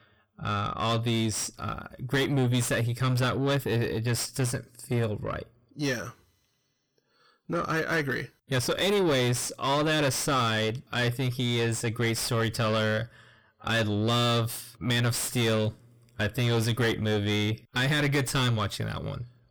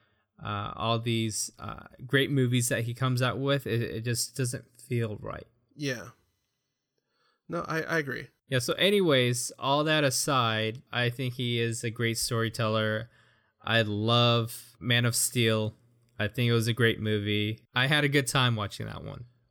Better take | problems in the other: second | distortion; heavy; 5 dB below the speech

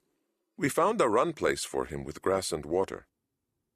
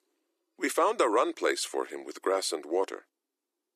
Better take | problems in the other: first | thin; very slightly; fading below 300 Hz

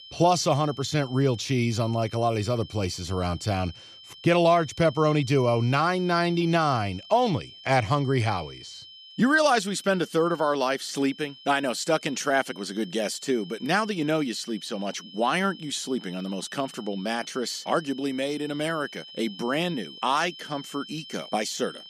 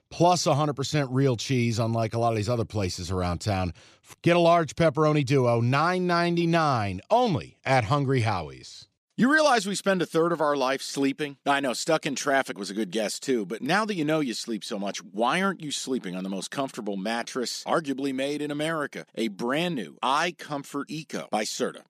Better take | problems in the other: second | high-pitched whine; noticeable; throughout; 3 kHz, 20 dB below the speech

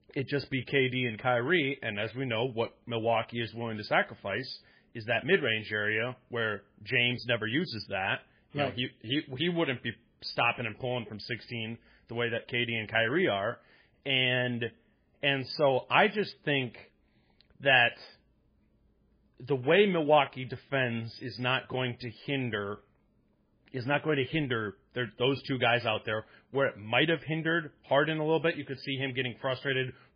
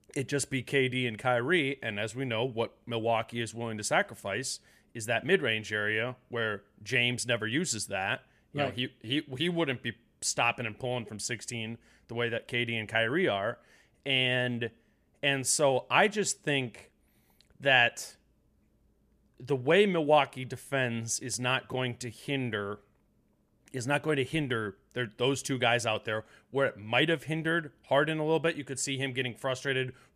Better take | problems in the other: second | garbled, watery; badly; nothing above 5 kHz

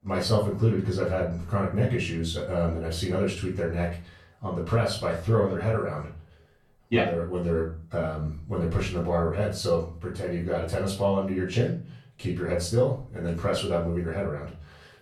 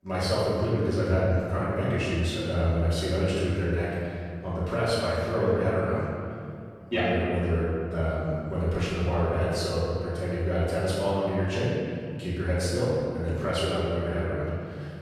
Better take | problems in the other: first | room echo; strong; dies away in 2.2 s; slight in the first // off-mic speech; far; far in the first

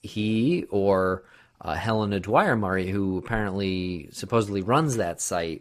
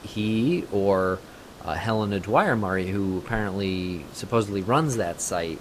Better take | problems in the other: first | hiss; noticeable; throughout; 20 dB below the speech

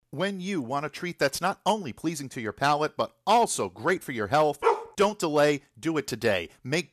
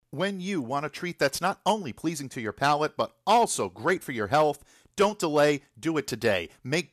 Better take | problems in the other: second | dog barking; loud; at 4.5 s; peak 1 dB above the speech

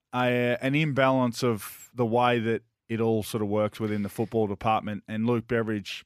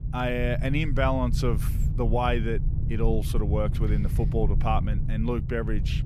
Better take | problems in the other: first | low rumble; noticeable; throughout; 10 dB below the speech

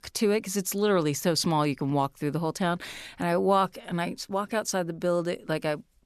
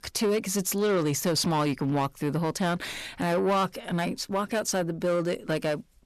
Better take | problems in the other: first | distortion; slight; 10 dB below the speech

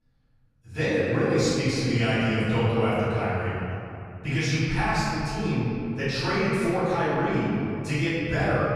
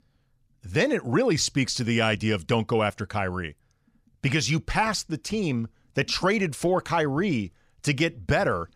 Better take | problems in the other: second | room echo; strong; dies away in 3 s // off-mic speech; far

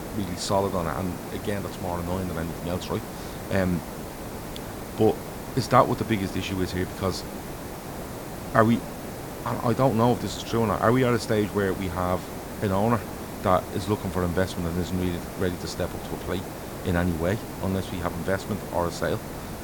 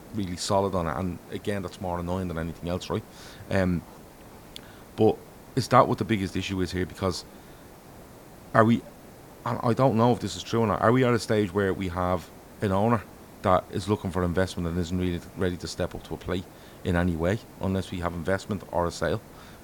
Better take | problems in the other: second | hiss; loud; throughout; 9 dB below the speech; faint in the second

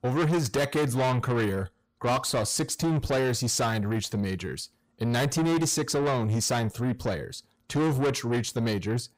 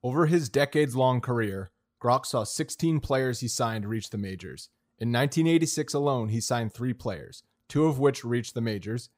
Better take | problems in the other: second | distortion; heavy; 7 dB below the speech

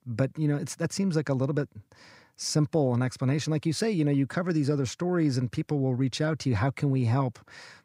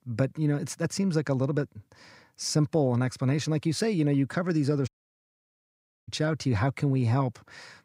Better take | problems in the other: first | audio cutting out; at 5 s for 1 s

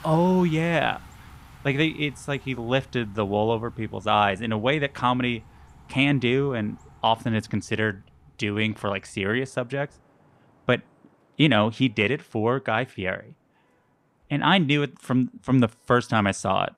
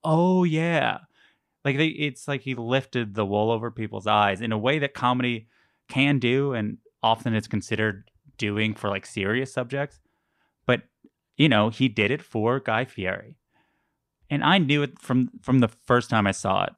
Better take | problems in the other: second | traffic noise; faint; throughout; 25 dB below the speech

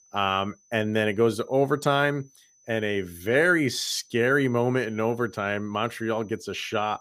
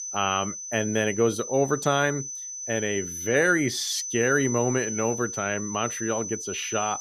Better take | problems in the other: first | high-pitched whine; loud; throughout; 6 kHz, 6 dB below the speech; faint in the first

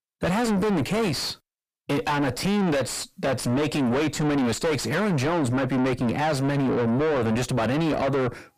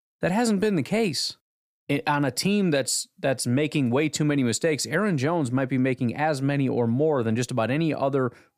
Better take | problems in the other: second | distortion; heavy; 5 dB below the speech

